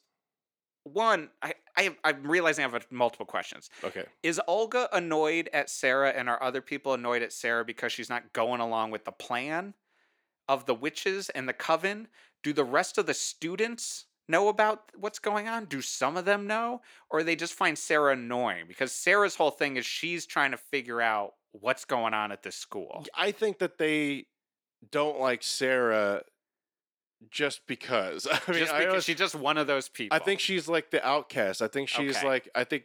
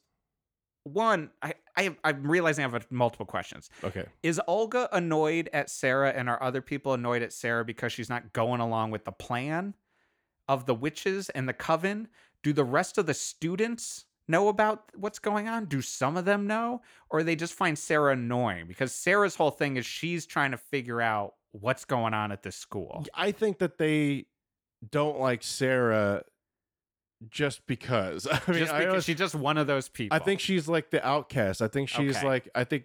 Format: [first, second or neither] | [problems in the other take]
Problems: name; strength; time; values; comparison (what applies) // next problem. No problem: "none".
second | thin; very slightly; fading below 300 Hz